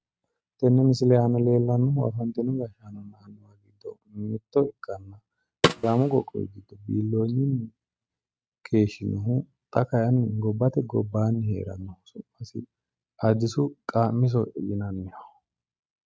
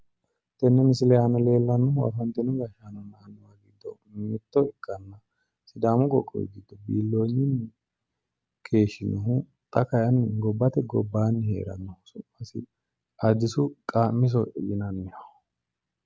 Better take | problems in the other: second | noise reduction (neural mask model RNNoise)

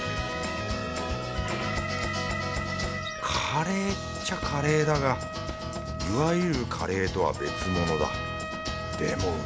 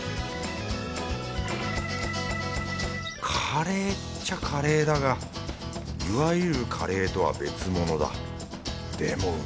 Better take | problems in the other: second | background sound (Trumpet); 9 dB below the speech

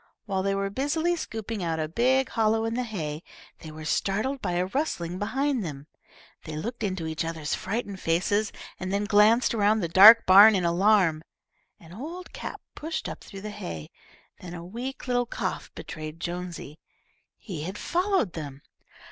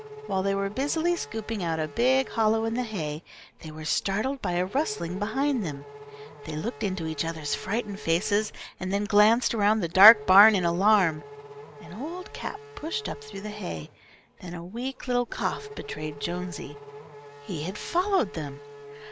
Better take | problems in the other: first | background sound (Race car, auto racing / Accelerating, revving, vroom); 16 dB below the speech

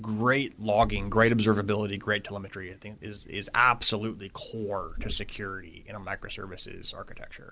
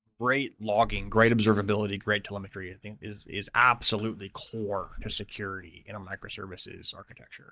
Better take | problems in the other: first | noise reduction (neural mask model DeepFilterNet 3)

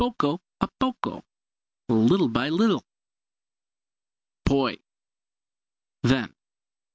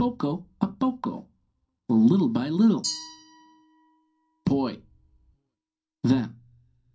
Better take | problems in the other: first | background sound (Glass); 18 dB below the speech // room echo; dies away in 0.3 s

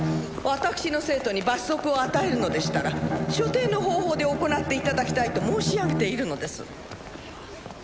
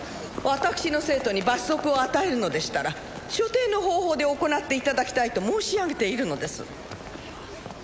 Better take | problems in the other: second | background sound (Bowed string instrument); 4 dB below the speech

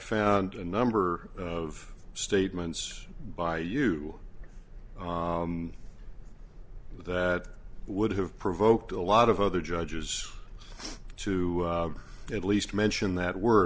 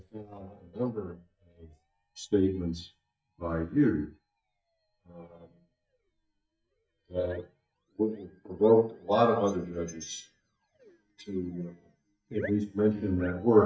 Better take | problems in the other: first | noise reduction (neural mask model DeepFilterNet 3)

